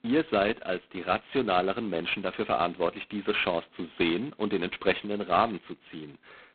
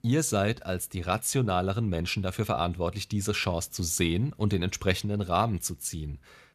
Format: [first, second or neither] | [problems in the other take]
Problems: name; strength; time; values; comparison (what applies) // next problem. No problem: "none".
second | phone-call audio; poor line; nothing above 4 kHz